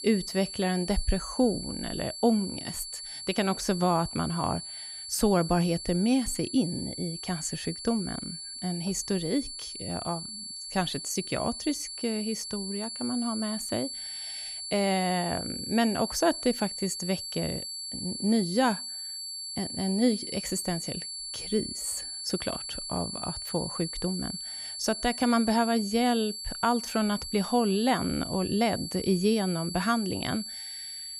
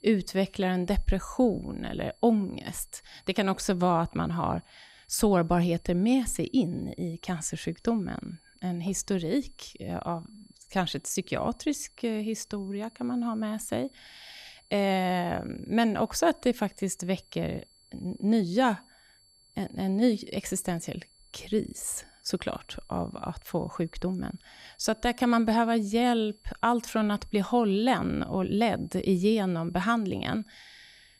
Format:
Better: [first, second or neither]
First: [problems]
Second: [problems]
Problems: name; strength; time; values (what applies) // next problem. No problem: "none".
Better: second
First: high-pitched whine; loud; throughout; 4.5 kHz, 6 dB below the speech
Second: high-pitched whine; faint; throughout; 4.5 kHz, 30 dB below the speech